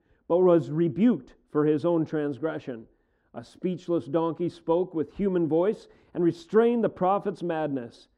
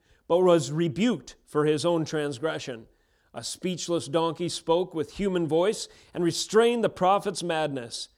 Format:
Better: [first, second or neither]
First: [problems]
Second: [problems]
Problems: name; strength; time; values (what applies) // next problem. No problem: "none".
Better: second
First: muffled; very; fading above 3 kHz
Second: none